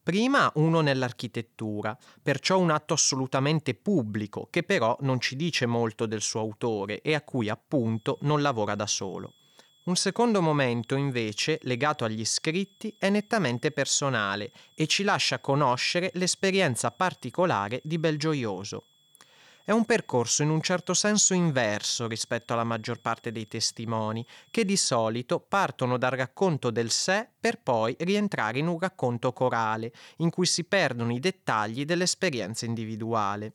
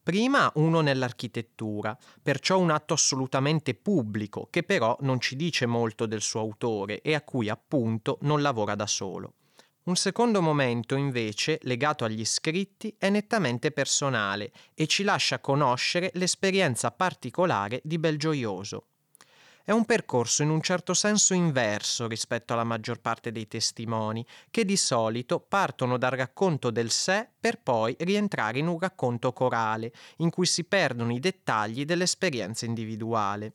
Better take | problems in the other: second | high-pitched whine; faint; from 8 to 25 s; 3.5 kHz, 35 dB below the speech

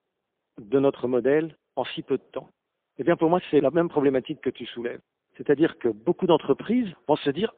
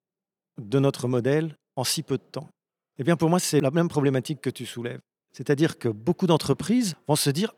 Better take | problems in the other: second | phone-call audio; poor line

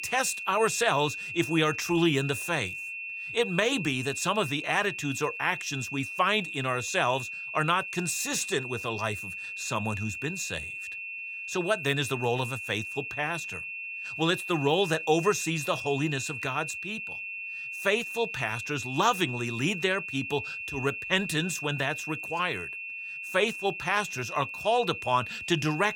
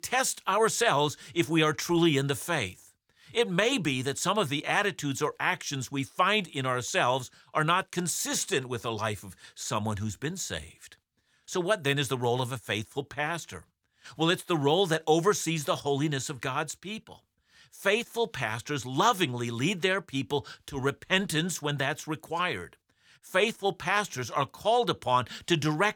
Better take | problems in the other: second | high-pitched whine; loud; throughout; 2.5 kHz, 6 dB below the speech

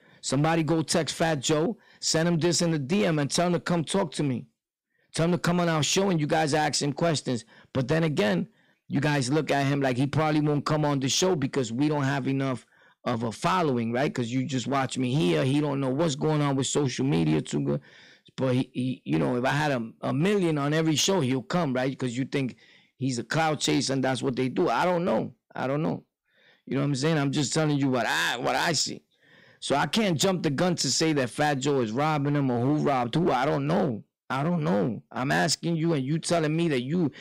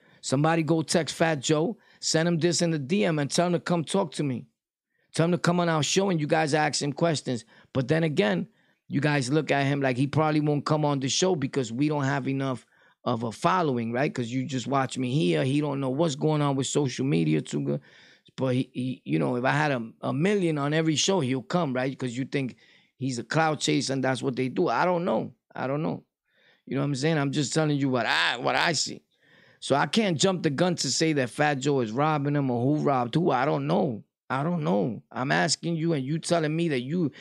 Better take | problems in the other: second | distortion; slight; 7% of the sound clipped

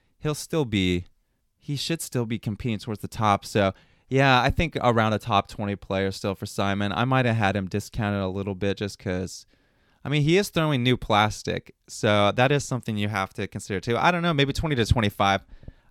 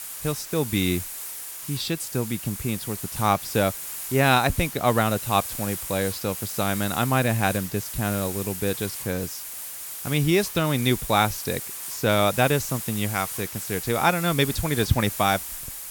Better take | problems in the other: first | hiss; loud; throughout; 7 dB below the speech

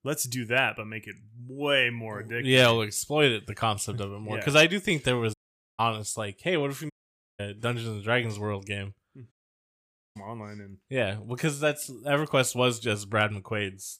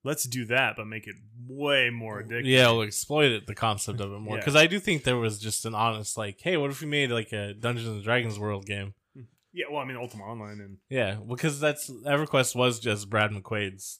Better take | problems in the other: second | audio cutting out; at 5.5 s, at 7 s and at 9.5 s for 1 s

